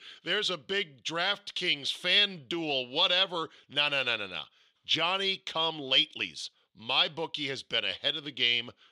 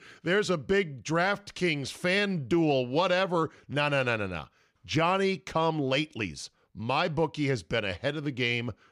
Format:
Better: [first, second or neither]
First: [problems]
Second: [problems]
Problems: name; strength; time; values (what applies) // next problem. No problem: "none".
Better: second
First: thin; very slightly; fading below 850 Hz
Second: none